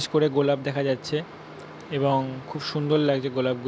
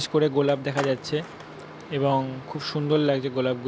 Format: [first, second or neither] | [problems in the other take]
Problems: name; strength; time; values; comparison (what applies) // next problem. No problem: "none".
first | background sound (Skateboard); 13 dB below the speech